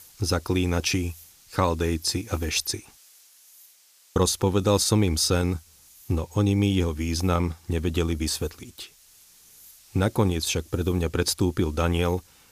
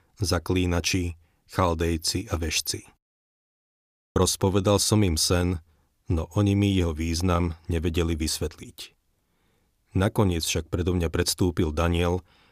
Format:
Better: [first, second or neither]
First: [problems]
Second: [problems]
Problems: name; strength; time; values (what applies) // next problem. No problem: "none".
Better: second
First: hiss; faint; throughout; 25 dB below the speech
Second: none